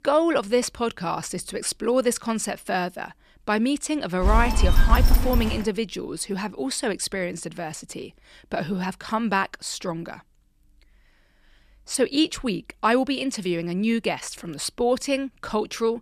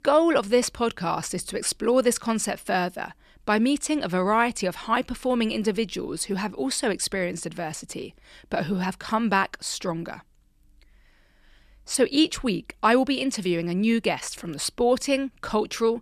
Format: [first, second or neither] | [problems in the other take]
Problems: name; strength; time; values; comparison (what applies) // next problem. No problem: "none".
second | phone ringing; loud; from 4 to 5.5 s; peak 5 dB above the speech